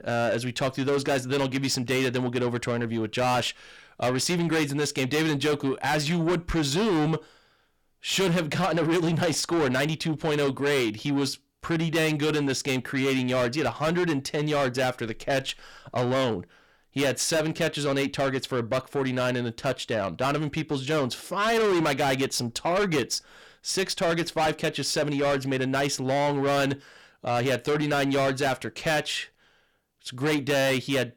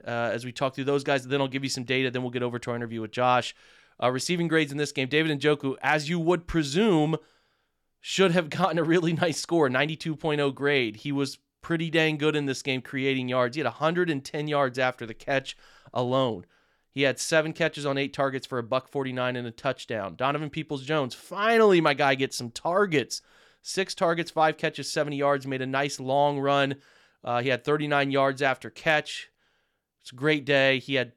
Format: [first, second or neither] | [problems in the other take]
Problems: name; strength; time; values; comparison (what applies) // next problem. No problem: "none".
second | distortion; heavy; 6 dB below the speech